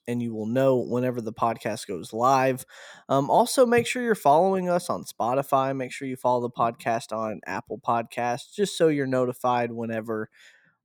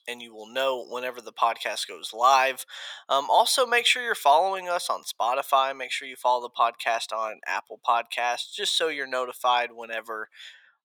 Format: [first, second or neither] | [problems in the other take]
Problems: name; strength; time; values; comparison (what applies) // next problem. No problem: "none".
first | thin; very; fading below 900 Hz